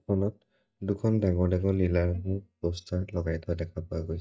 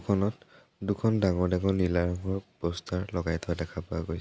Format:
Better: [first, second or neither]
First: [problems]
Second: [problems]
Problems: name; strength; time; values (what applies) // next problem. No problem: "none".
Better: second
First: noise reduction (neural mask model DeepFilterNet 3)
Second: none